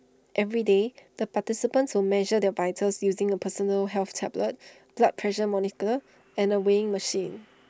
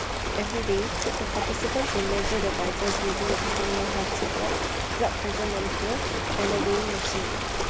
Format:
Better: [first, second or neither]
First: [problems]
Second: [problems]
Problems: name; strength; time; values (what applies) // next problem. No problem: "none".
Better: first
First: none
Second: background sound (Ocean); 3 dB above the speech